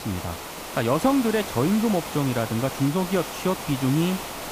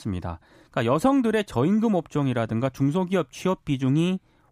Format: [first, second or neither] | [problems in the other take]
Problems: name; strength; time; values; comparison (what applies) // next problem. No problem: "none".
second | hiss; loud; throughout; 8 dB below the speech